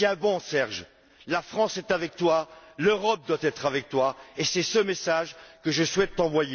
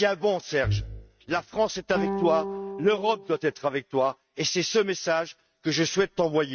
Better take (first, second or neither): first